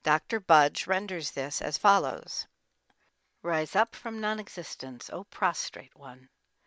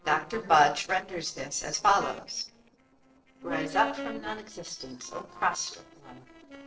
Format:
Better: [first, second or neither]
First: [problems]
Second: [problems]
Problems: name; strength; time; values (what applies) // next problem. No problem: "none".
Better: first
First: none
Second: noise reduction (neural separator model SepFormer DNS4)